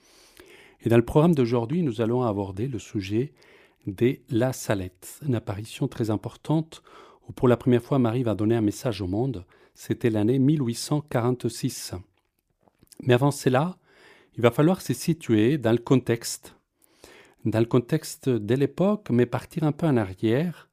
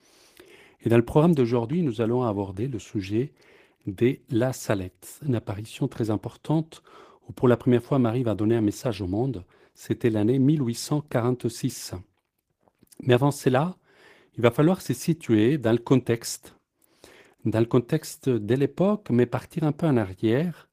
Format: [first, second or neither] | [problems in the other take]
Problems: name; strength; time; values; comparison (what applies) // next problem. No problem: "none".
first | garbled, watery; slightly; nothing above 15 kHz